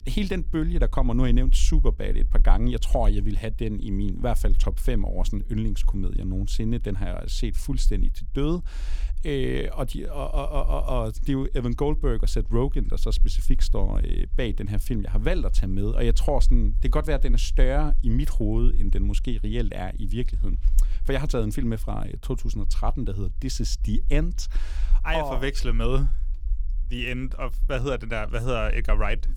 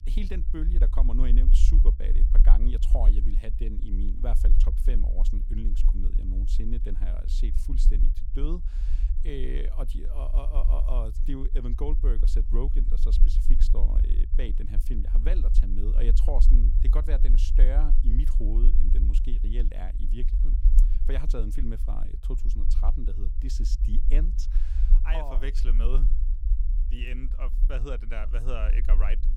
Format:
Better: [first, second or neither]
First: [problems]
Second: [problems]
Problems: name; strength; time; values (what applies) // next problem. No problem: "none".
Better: first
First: low rumble; faint; throughout; 25 dB below the speech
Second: low rumble; loud; throughout; 9 dB below the speech